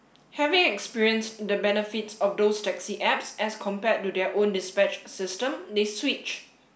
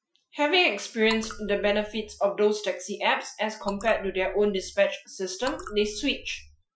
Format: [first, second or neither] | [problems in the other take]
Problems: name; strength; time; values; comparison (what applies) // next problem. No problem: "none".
first | noise reduction (classical method Wiener filter)